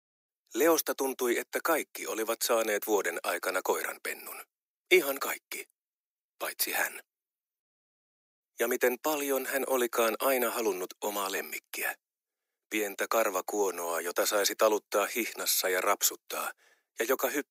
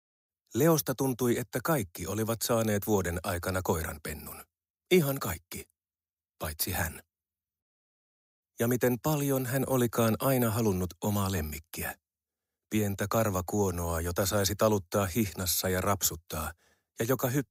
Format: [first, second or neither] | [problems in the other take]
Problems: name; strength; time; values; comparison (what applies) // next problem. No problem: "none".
second | thin; very; fading below 300 Hz